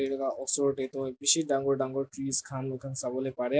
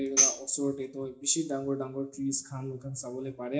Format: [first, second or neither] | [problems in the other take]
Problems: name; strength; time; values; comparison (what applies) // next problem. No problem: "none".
first | background sound (Tambourine); 3 dB above the speech // room echo; dies away in 0.4 s